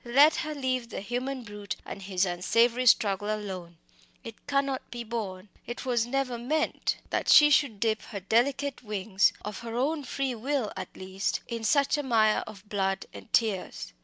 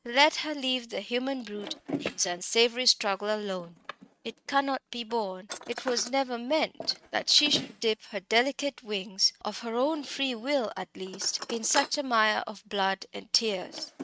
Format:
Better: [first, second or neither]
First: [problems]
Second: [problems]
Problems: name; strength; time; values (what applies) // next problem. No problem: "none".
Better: first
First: none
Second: noise reduction (neural mask model RNNoise)